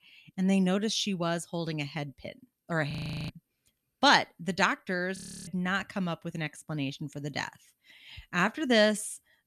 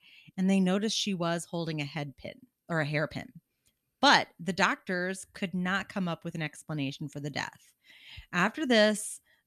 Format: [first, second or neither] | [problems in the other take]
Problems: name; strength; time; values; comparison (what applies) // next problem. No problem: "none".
second | audio freezing; at 3 s and at 5 s